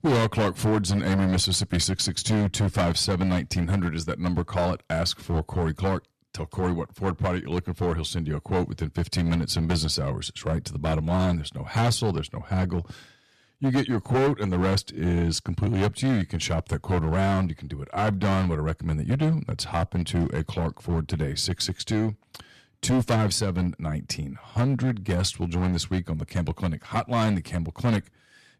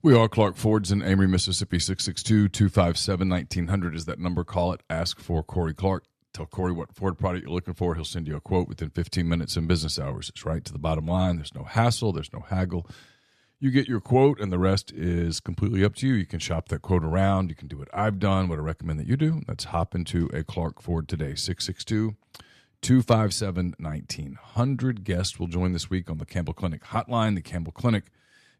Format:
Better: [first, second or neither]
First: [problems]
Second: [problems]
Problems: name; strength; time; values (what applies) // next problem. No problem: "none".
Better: second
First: distortion; heavy; 9% of the sound clipped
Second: none